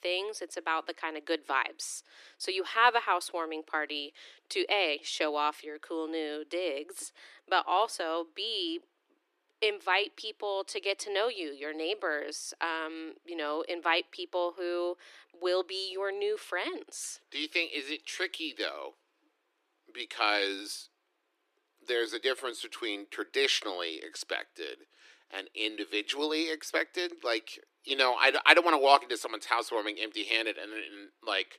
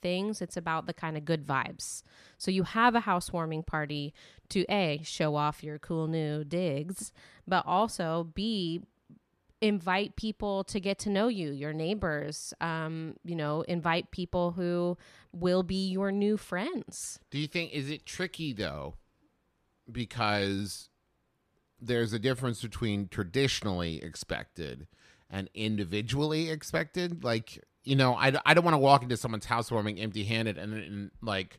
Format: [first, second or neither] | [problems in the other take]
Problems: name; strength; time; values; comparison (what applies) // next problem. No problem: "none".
second | thin; very; fading below 300 Hz